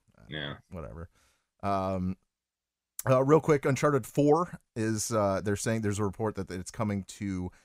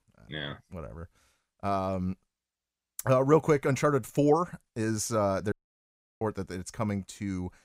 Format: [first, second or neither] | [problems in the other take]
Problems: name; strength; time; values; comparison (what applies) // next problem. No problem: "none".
first | audio cutting out; at 5.5 s for 0.5 s